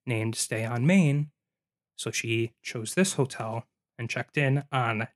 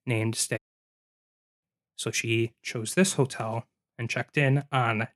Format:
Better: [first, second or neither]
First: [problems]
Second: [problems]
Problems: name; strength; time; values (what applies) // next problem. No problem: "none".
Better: first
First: none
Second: audio cutting out; at 0.5 s for 1 s